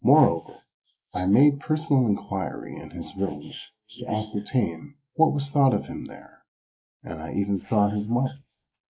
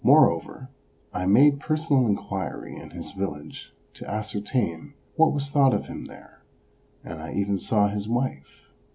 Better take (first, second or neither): second